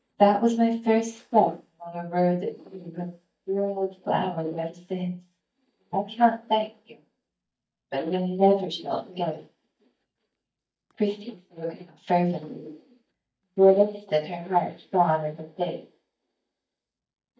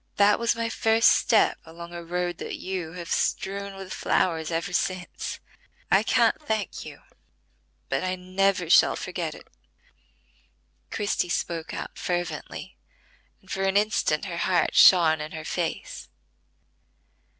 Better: second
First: noise reduction (neural mask model DeepFilterNet 3)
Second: none

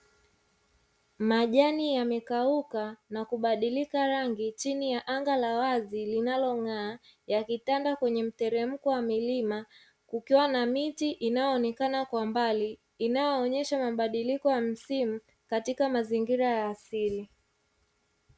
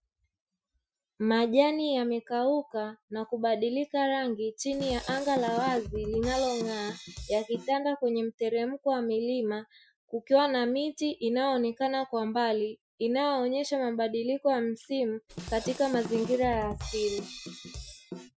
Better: first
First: none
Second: noise reduction (classical method Wiener filter)

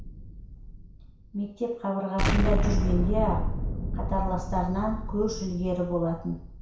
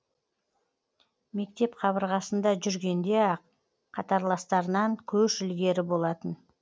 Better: second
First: background sound (Explosion); 1 dB above the speech // room echo; dies away in 0.6 s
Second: none

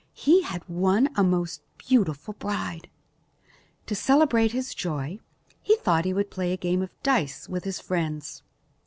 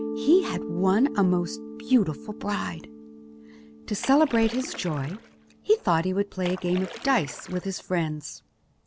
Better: first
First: none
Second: background sound (Mallet percussion + Splash, splatter); 12 dB below the speech

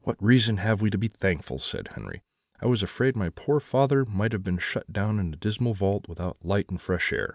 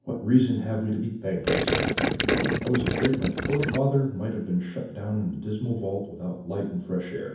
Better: first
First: none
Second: background sound (Gurgling); 1 dB above the speech // room echo; dies away in 0.7 s

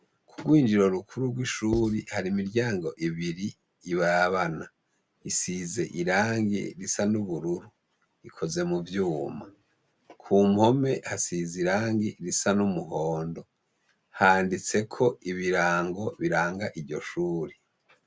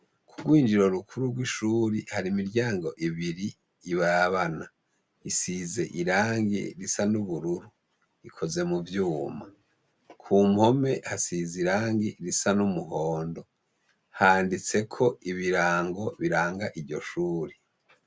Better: second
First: background sound (Writing); 12 dB below the speech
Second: none

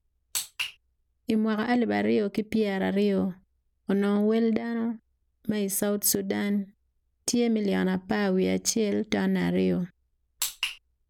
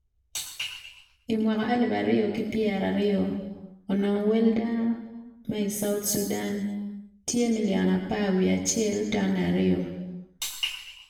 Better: first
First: none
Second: room echo; dies away in 1.1 s

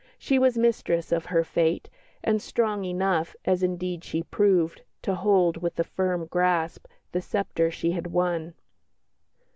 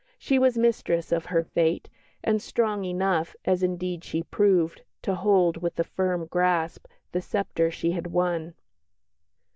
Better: first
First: none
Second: noise reduction (neural mask model DeepFilterNet 3)

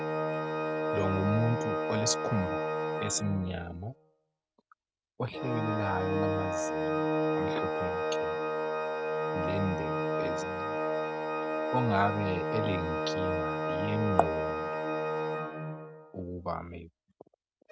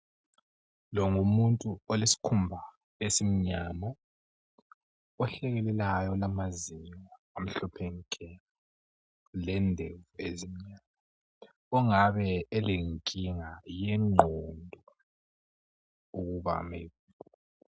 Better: second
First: background sound (Organ); 3 dB above the speech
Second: none

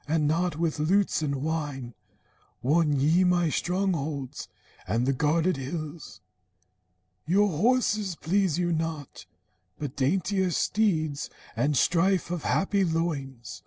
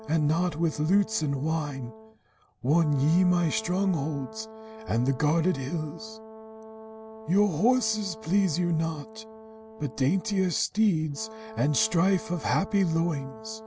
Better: first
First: none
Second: background sound (Brass instrument); 16 dB below the speech

